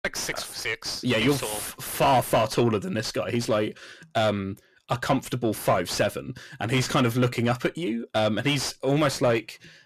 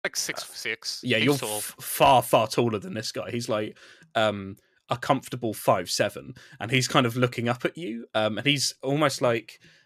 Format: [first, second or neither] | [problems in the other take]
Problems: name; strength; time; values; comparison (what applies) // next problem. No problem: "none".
second | distortion; heavy; 7 dB below the speech